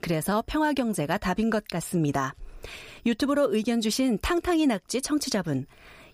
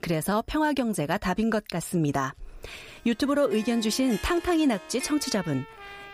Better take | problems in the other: first | background music; noticeable; from 3 s on; 15 dB below the speech

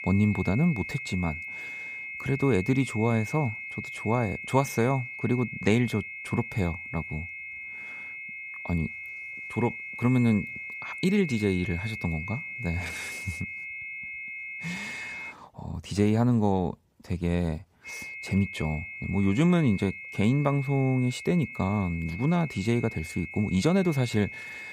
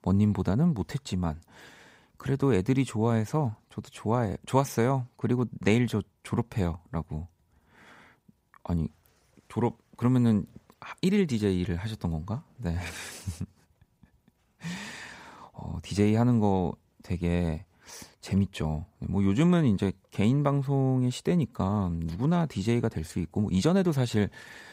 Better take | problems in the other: second | high-pitched whine; loud; until 15 s and from 18 s on; 2 kHz, 9 dB below the speech

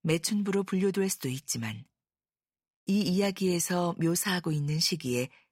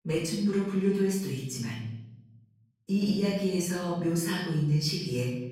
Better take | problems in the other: first | off-mic speech; far // room echo; noticeable; dies away in 0.9 s

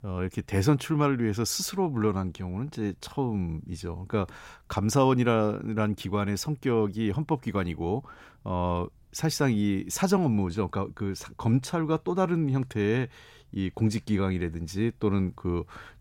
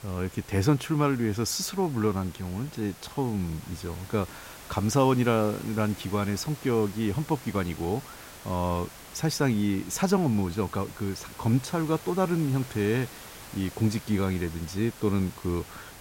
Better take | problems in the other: first | hiss; noticeable; throughout; 15 dB below the speech

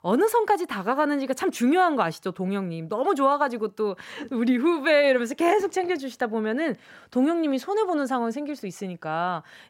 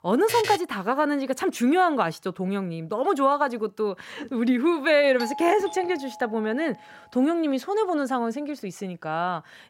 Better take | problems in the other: first | alarm; noticeable; at 0.5 s; peak 5 dB below the speech // doorbell; noticeable; from 5 to 6.5 s; peak 9 dB below the speech

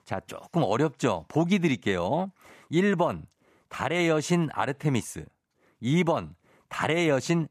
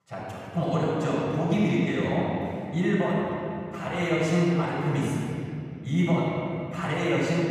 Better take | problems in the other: first | off-mic speech; far // room echo; strong; dies away in 2.6 s

